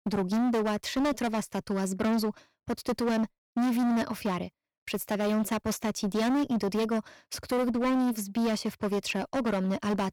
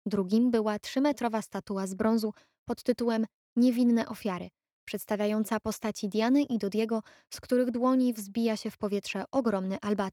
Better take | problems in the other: second | distortion; heavy; 21% of the sound clipped

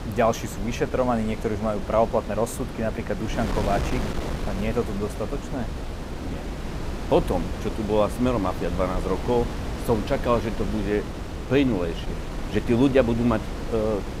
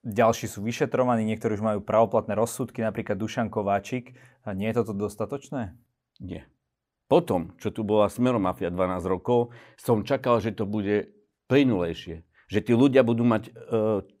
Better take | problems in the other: second | wind noise on the microphone; heavy; 10 dB below the speech

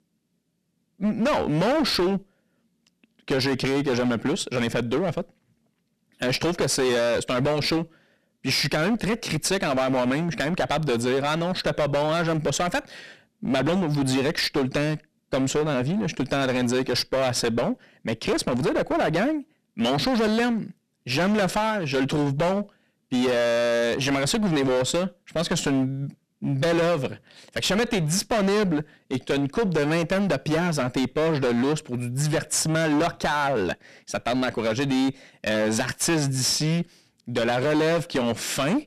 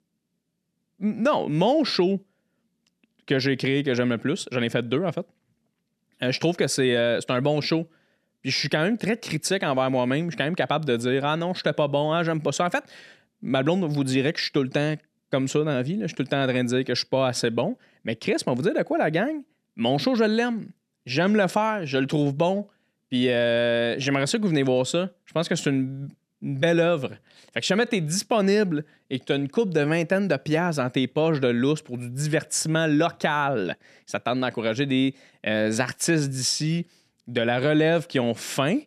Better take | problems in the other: second | distortion; heavy; 19% of the sound clipped

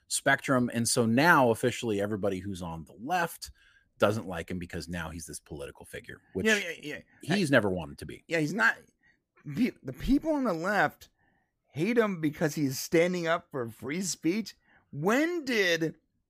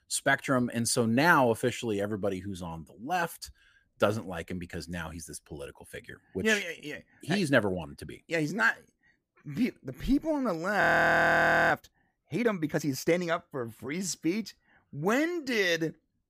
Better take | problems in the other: first | audio freezing; at 11 s for 1 s

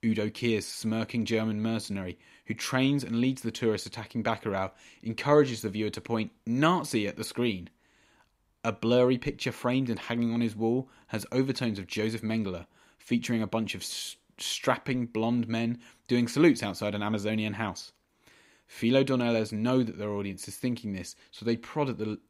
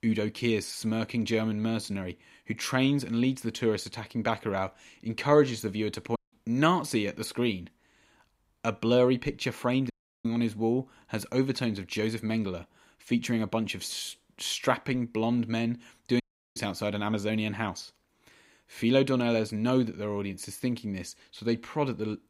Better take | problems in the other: first | audio cutting out; at 6 s, at 10 s and at 16 s

